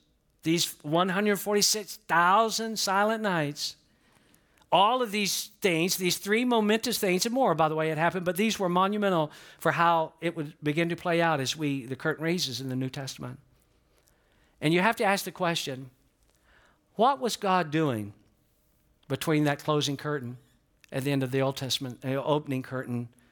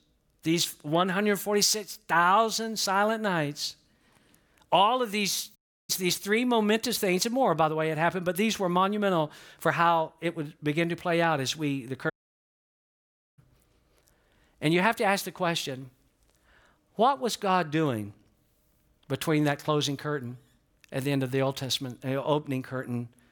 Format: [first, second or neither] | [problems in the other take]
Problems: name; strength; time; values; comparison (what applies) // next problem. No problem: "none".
first | audio cutting out; at 5.5 s and at 12 s for 1.5 s